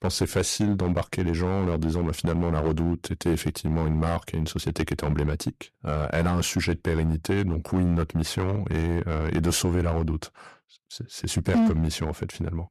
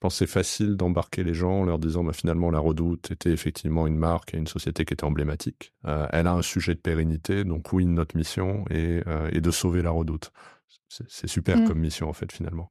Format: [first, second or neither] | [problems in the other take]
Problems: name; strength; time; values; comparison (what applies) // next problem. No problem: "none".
second | distortion; slight; 6% of the sound clipped